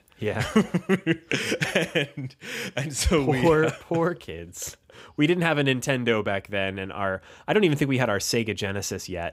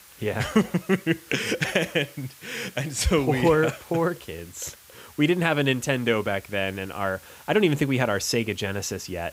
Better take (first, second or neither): first